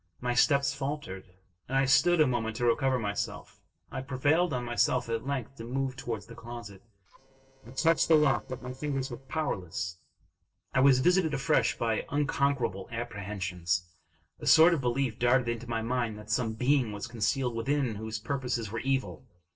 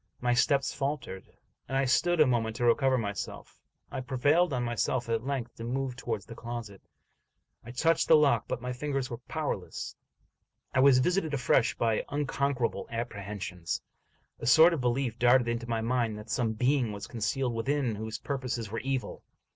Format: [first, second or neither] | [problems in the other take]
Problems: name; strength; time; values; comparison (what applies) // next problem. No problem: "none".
second | noise reduction (neural separator model SepFormer DNS4)